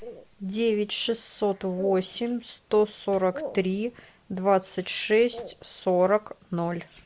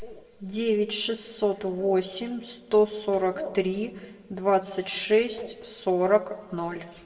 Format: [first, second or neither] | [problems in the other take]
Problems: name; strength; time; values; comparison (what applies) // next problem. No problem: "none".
first | room echo; dies away in 0.9 s